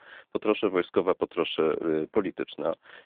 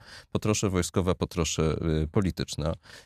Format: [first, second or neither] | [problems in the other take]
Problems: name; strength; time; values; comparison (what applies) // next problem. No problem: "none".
second | phone-call audio; nothing above 3.5 kHz